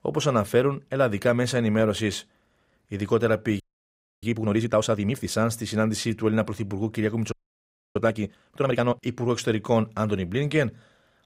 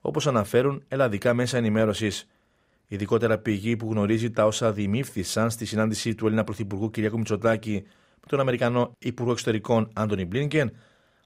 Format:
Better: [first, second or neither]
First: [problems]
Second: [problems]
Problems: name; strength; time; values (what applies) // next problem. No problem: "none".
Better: second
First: audio freezing; at 3.5 s for 0.5 s and at 7.5 s for 0.5 s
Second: none